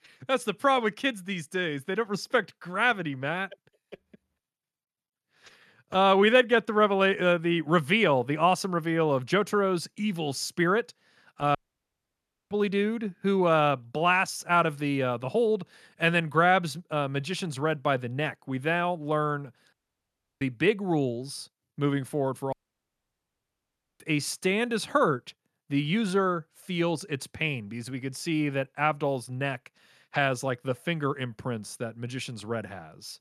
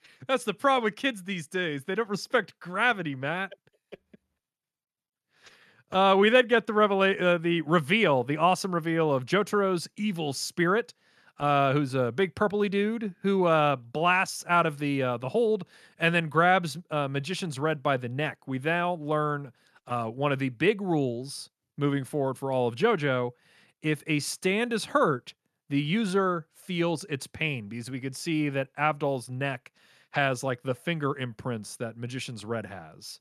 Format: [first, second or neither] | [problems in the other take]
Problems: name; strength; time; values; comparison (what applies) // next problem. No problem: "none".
second | audio cutting out; at 12 s for 1 s, at 20 s for 0.5 s and at 23 s for 1.5 s